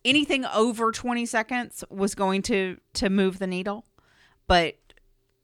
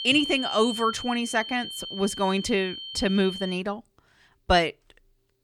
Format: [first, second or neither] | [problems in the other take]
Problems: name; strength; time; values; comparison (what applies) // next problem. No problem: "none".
first | high-pitched whine; loud; until 3.5 s; 3 kHz, 8 dB below the speech